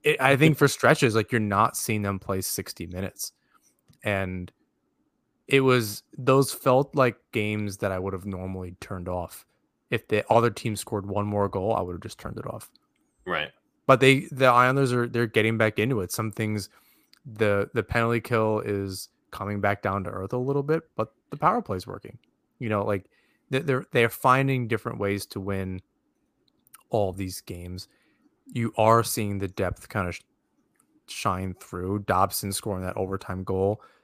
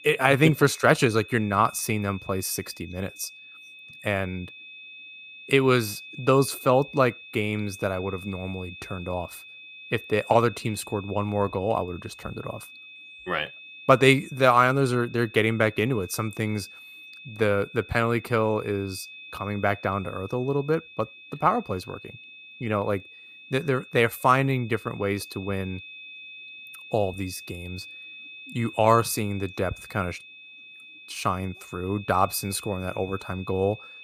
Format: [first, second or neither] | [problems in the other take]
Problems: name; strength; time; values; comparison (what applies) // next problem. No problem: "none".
first | high-pitched whine; noticeable; throughout; 2.5 kHz, 15 dB below the speech